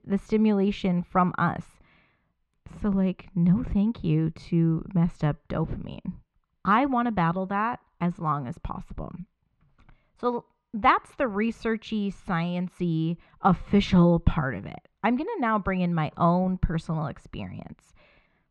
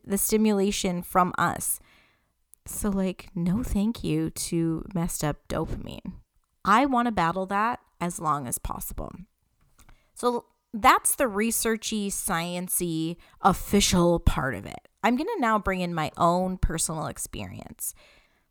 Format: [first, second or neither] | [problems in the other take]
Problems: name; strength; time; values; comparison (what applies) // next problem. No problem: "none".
second | muffled; very; fading above 3 kHz